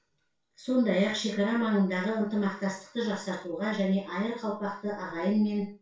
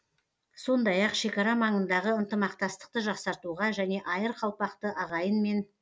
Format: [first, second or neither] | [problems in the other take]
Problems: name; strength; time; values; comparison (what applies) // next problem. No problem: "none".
second | room echo; dies away in 0.3 s